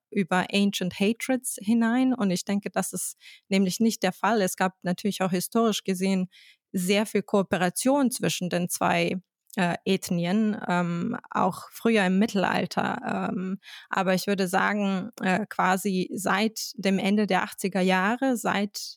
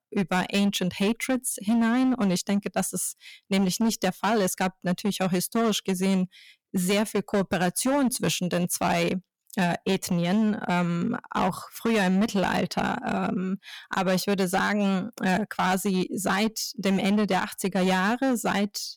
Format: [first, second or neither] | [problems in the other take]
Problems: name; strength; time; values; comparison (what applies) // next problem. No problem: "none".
first | distortion; slight; 12% of the sound clipped